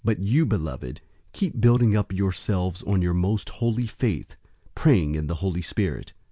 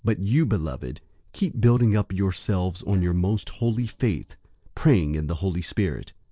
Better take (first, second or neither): first